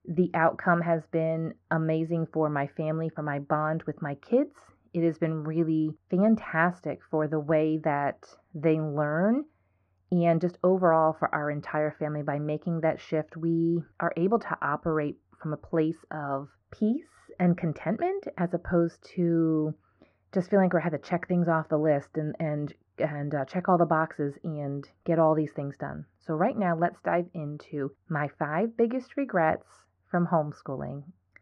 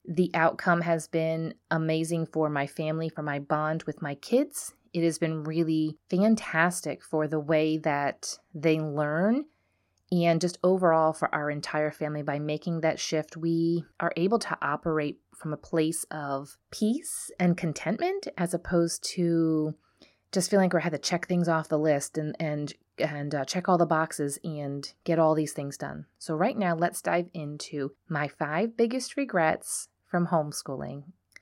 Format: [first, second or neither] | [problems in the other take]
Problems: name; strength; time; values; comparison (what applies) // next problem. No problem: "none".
second | muffled; very; fading above 1.5 kHz